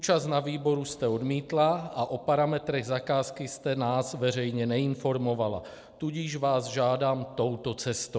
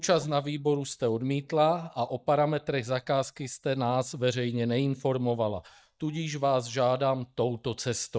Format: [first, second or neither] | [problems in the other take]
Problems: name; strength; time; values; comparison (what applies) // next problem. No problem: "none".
first | noise reduction (neural mask model DeepFilterNet 3)